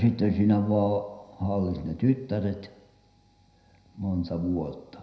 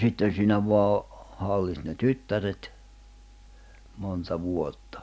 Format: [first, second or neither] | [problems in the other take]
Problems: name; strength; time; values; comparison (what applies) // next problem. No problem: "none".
second | room echo; dies away in 0.7 s